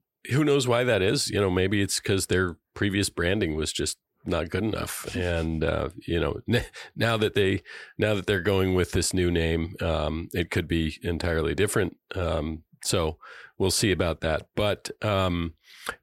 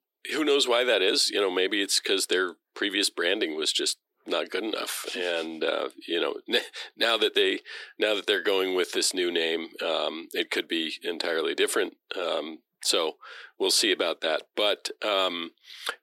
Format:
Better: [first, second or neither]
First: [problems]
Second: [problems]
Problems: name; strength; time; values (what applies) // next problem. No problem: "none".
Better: first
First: none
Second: thin; somewhat; fading below 300 Hz